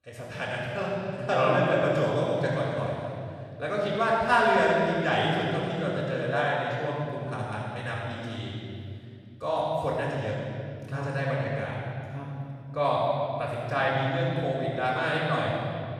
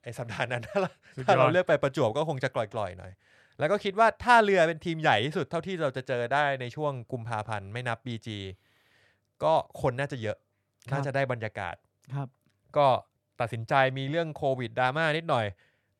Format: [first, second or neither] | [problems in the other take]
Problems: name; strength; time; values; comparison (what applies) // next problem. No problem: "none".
second | off-mic speech; far // room echo; strong; dies away in 2.4 s